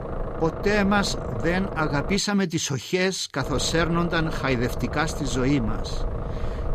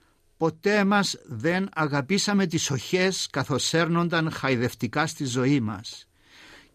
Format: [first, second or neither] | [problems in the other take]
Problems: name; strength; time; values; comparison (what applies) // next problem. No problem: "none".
second | low rumble; loud; until 2 s and from 3.5 s on; 9 dB below the speech